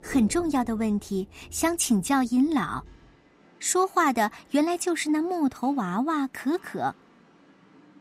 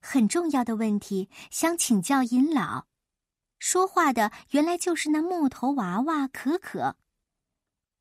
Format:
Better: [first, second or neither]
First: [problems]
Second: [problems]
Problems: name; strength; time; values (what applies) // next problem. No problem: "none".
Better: second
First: rain or running water; faint; throughout; 25 dB below the speech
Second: none